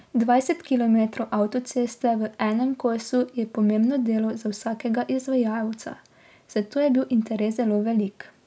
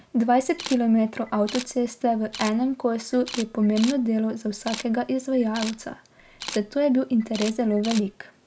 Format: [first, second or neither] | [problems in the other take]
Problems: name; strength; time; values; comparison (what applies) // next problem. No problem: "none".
first | background sound (Camera); 16 dB below the speech